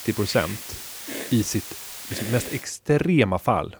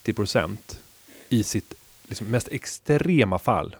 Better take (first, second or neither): second